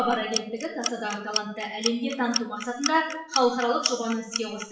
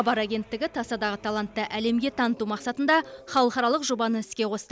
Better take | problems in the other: second | noise reduction (classical method WPE with log-MMSE)

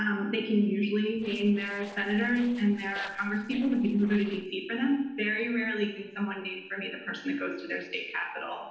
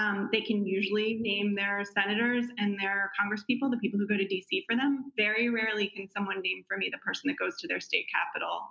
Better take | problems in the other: second | noise reduction (neural separator model SepFormer DNS4)

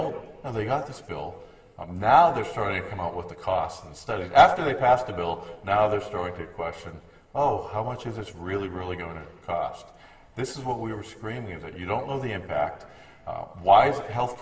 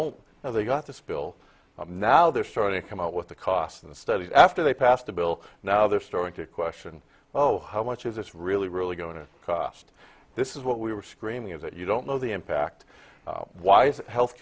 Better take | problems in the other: second | room echo; dies away in 2.4 s

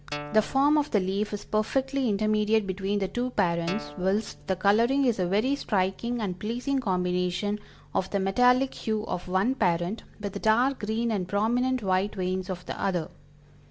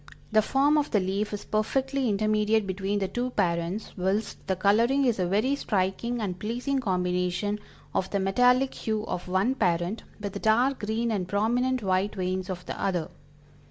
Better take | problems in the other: second | background sound (Guitar); 13 dB below the speech

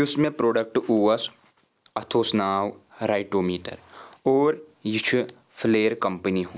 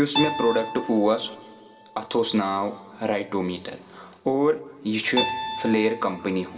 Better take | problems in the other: first | background sound (Keyboard (musical)); 9 dB below the speech // room echo; dies away in 1.4 s

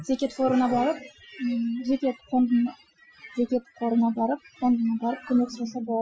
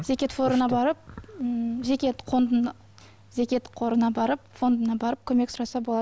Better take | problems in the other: second | noise reduction (classical method Wiener filter)

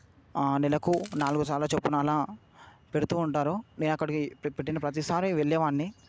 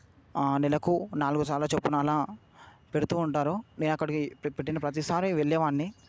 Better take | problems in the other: second | background sound (Crack); 18 dB below the speech

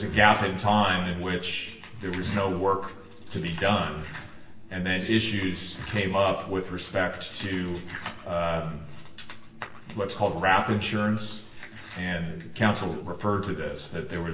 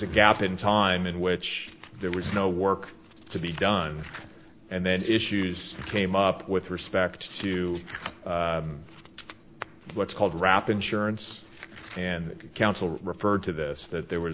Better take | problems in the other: second | room echo; dies away in 0.9 s

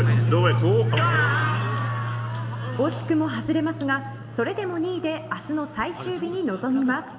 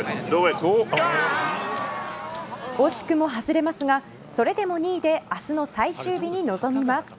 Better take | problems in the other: second | background sound (Piano); 2 dB below the speech // room echo; dies away in 1.6 s

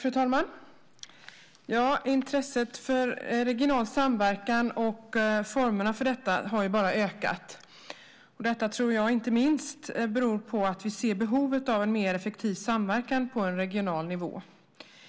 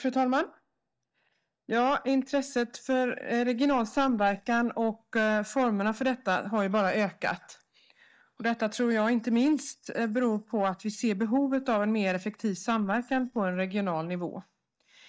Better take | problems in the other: first | noise reduction (neural mask model DeepFilterNet 3)

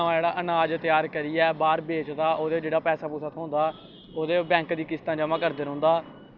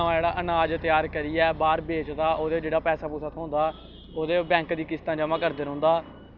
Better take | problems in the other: first | background sound (Bass guitar); 18 dB below the speech

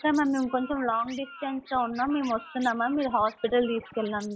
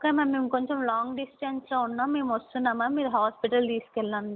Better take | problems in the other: second | noise reduction (classical method log-MMSE)

